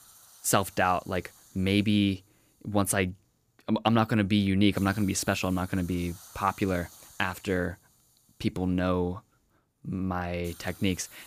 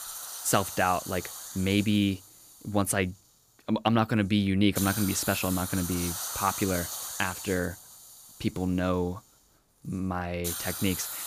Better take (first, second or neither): first